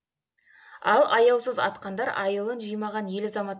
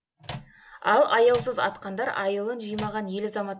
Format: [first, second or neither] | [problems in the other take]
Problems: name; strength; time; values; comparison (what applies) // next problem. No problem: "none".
first | background sound (Microwave oven); 16 dB below the speech